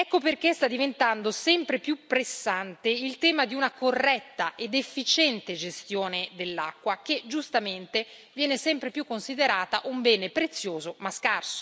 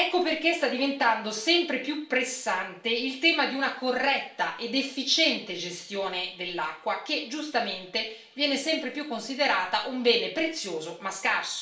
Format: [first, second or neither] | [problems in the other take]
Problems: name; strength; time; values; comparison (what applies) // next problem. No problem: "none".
first | room echo; dies away in 0.4 s